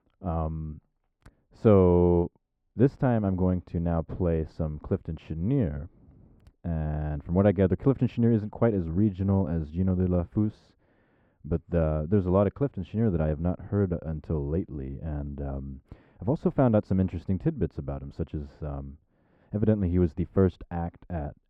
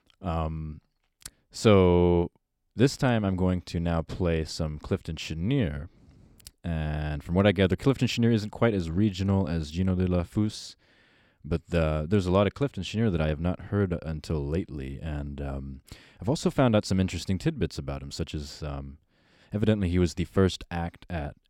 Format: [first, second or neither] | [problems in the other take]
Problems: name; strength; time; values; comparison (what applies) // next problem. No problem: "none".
second | muffled; very; fading above 2.5 kHz